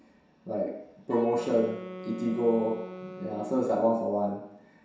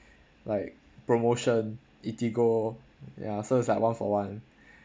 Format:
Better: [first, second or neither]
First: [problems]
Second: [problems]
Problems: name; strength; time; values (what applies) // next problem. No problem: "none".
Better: second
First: background sound (Wind instrument, woodwind instrument); 13 dB below the speech // room echo; dies away in 0.7 s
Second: none